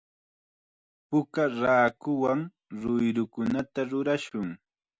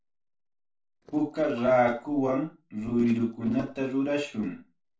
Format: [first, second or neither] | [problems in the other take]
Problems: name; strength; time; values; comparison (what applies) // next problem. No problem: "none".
first | noise reduction (neural separator model SepFormer DNS4)